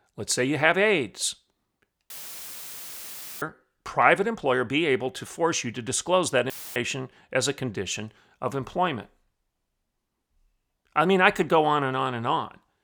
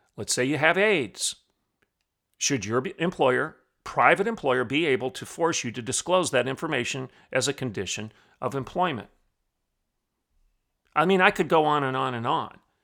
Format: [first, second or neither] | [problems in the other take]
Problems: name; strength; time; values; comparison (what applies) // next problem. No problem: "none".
second | audio cutting out; filled with static; at 2 s for 1.5 s and at 6.5 s